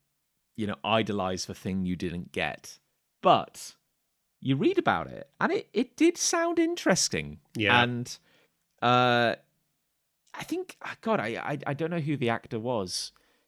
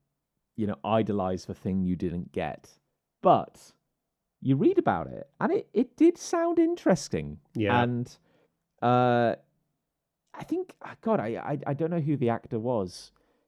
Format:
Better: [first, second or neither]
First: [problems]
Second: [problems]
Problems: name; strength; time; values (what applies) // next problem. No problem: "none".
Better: first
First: none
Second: muffled; slightly; fading above 1.5 kHz